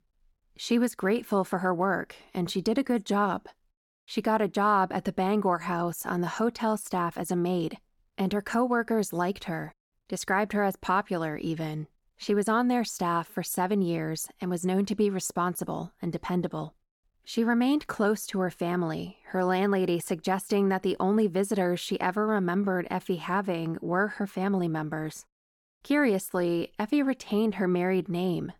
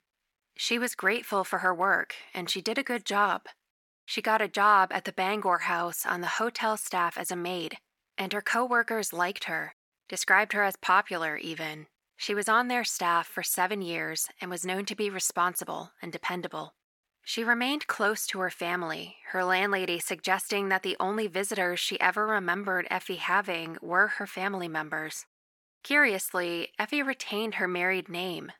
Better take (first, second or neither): first